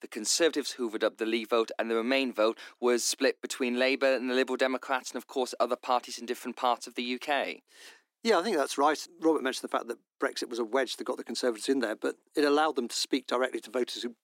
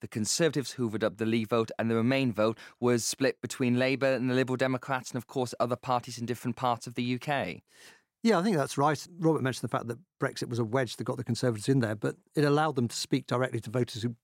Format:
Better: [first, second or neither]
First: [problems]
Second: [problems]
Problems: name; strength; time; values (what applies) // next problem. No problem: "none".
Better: second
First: thin; very slightly; fading below 250 Hz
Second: none